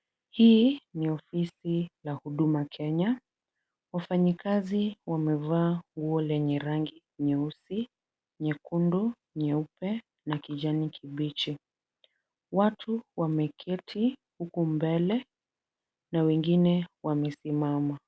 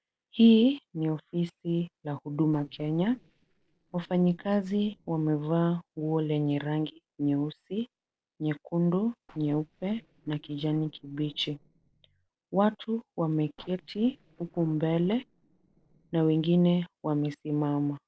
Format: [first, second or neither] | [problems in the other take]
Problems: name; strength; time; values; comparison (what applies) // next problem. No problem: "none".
first | noise reduction (neural separator model SepFormer DNS4)